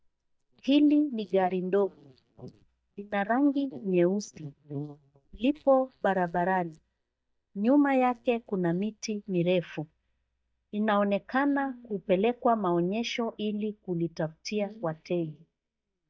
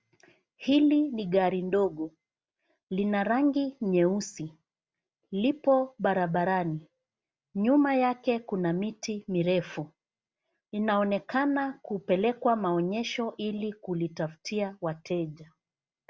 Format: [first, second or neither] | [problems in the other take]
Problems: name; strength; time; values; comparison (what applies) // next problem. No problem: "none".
second | noise reduction (neural mask model DeepFilterNet 3)